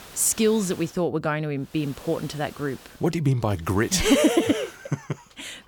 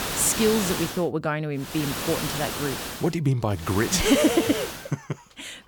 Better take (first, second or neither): first